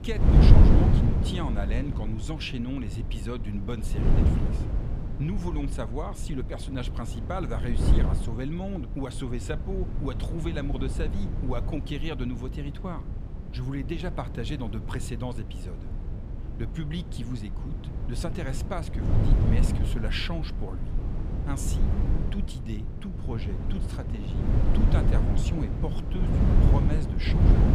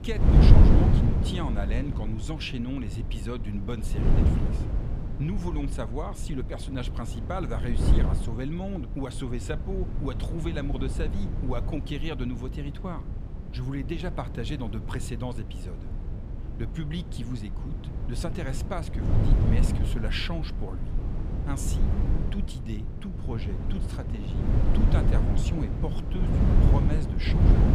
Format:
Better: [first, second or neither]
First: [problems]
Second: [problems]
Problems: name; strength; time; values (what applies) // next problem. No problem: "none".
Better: neither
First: wind noise on the microphone; heavy; 1 dB below the speech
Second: wind noise on the microphone; heavy; 1 dB below the speech